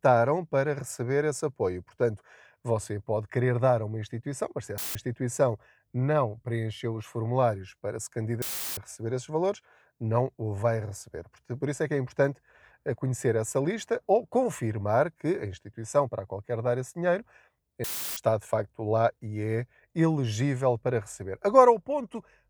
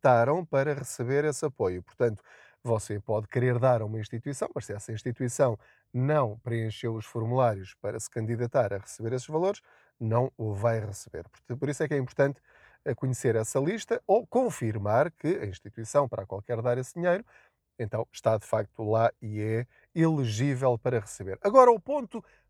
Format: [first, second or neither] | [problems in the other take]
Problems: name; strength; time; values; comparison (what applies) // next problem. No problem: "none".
second | audio cutting out; filled with static; at 5 s, at 8.5 s and at 18 s